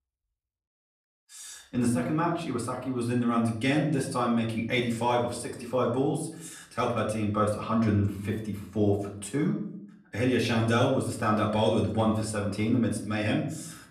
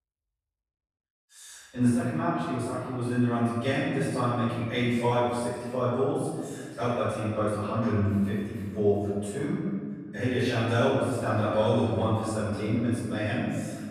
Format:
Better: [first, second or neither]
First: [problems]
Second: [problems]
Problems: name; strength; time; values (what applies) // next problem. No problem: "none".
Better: first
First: room echo; slight; dies away in 0.5 s // off-mic speech; far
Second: room echo; strong; dies away in 1.9 s // off-mic speech; far